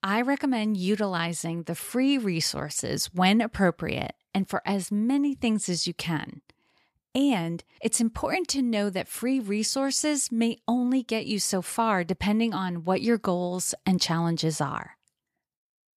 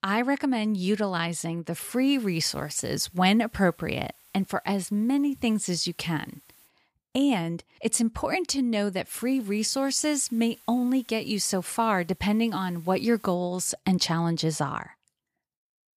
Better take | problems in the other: first | hiss; faint; from 2 to 6.5 s and from 9 to 13 s; 25 dB below the speech

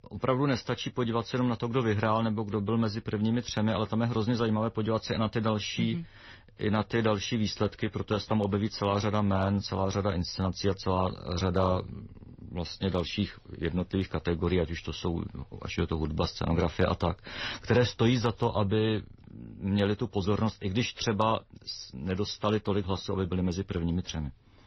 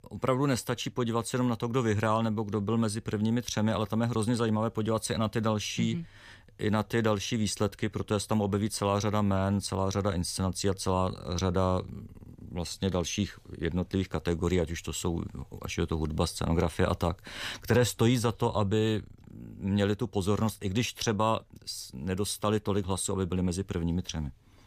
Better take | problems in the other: second | garbled, watery; slightly; nothing above 6 kHz

